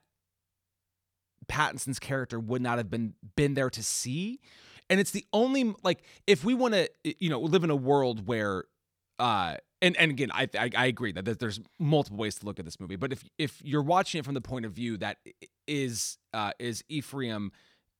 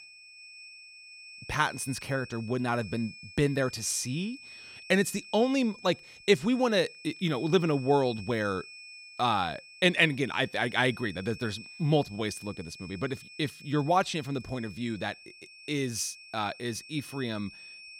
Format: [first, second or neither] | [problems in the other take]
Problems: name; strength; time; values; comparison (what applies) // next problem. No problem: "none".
first | high-pitched whine; noticeable; throughout; 2.5 kHz, 15 dB below the speech